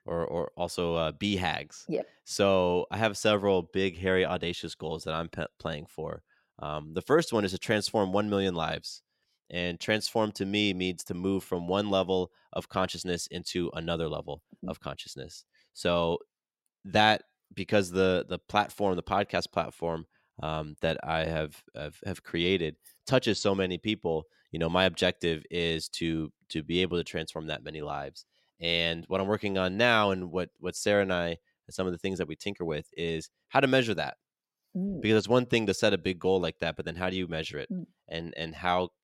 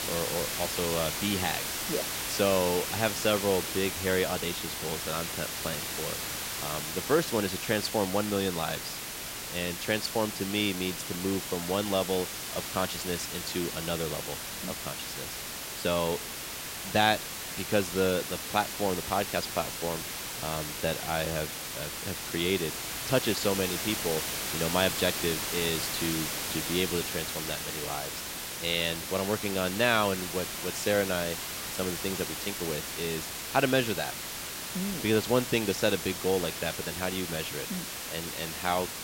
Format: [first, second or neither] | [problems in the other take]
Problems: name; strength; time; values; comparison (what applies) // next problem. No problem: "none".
first | hiss; loud; throughout; 3 dB below the speech